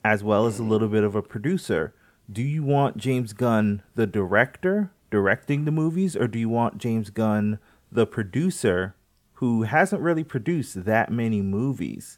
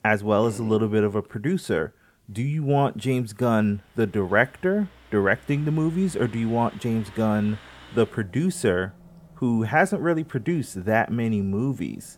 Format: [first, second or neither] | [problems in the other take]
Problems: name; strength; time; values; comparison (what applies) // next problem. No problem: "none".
first | traffic noise; faint; from 3.5 s on; 25 dB below the speech